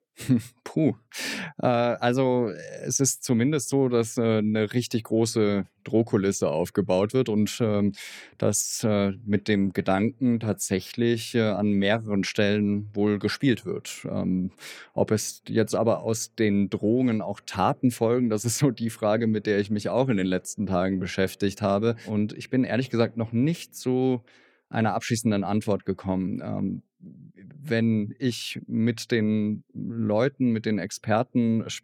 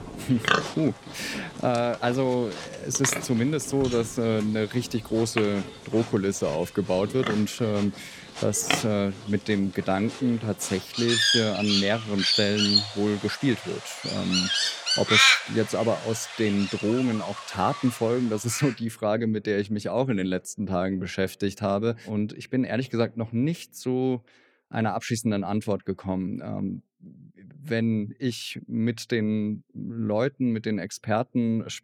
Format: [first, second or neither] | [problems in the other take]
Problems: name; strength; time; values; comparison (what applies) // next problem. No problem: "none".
first | animal sounds; very loud; until 18 s; 2 dB above the speech